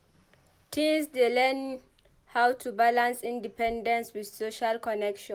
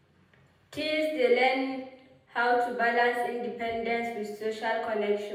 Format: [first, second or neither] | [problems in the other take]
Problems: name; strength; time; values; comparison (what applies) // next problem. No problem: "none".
first | room echo; dies away in 0.9 s